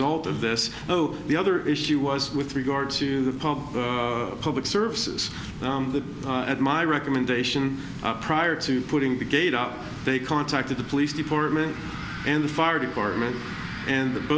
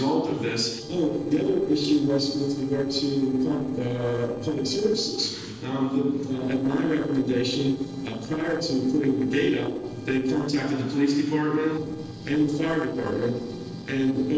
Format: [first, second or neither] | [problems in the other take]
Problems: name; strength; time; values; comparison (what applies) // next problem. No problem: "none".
first | noise reduction (neural separator model SepFormer DNS4)